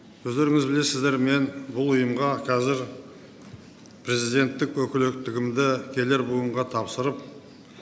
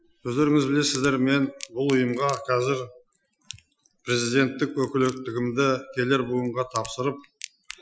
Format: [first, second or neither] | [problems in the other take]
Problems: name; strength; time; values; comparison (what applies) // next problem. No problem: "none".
first | noise reduction (classical method Wiener filter)